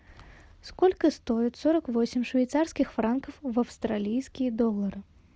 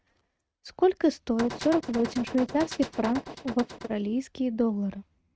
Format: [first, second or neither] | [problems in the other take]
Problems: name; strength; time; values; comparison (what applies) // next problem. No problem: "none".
first | noise reduction (neural mask model RNNoise)